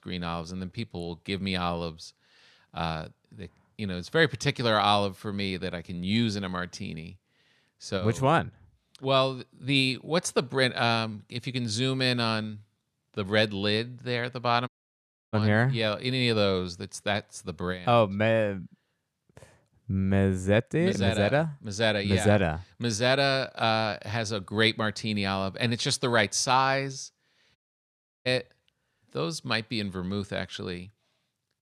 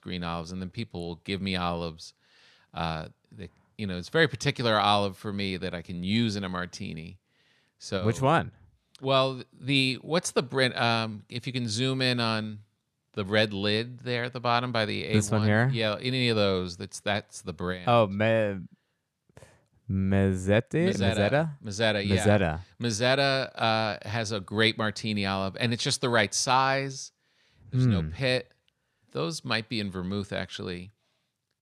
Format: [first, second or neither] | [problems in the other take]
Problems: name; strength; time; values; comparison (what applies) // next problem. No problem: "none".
second | audio cutting out; at 15 s for 0.5 s and at 28 s for 0.5 s